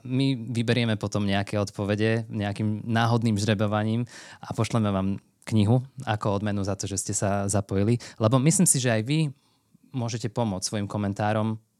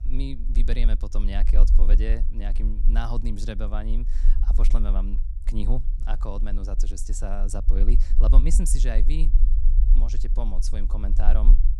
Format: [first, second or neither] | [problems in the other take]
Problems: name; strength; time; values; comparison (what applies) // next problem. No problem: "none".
first | low rumble; noticeable; throughout; 10 dB below the speech